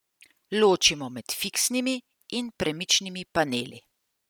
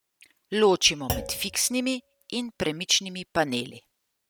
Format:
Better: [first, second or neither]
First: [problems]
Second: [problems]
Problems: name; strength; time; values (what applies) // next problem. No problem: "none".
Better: first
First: none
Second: background sound (Thump, thud); 12 dB below the speech